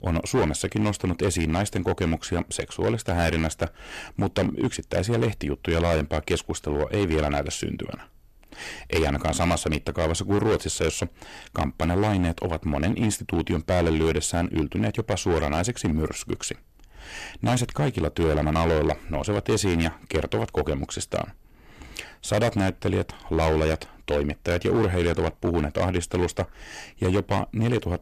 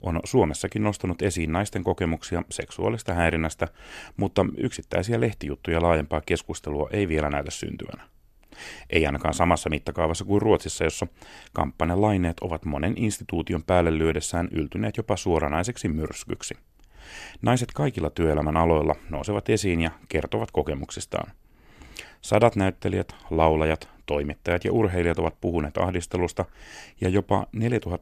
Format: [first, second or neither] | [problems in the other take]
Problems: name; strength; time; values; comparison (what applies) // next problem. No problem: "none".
second | distortion; heavy; 9% of the sound clipped